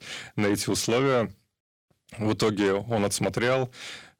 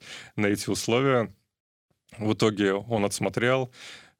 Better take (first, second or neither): second